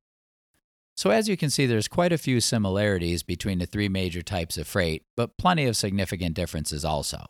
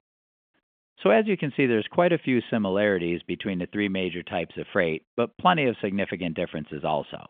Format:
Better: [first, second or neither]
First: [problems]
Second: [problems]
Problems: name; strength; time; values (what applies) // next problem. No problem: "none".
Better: first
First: none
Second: phone-call audio; nothing above 3.5 kHz